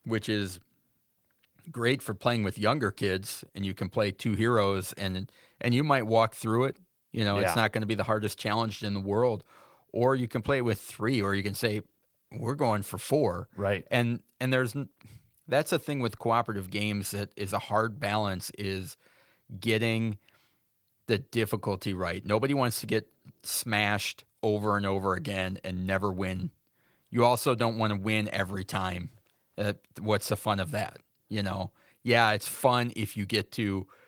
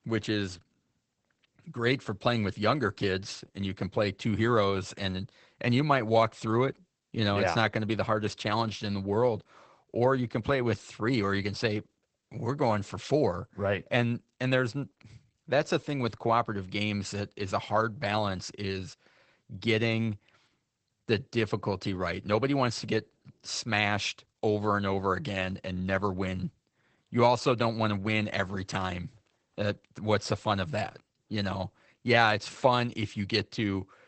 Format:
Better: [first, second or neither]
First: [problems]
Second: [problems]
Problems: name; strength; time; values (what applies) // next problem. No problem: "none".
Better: first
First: garbled, watery; slightly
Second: garbled, watery; badly; nothing above 8 kHz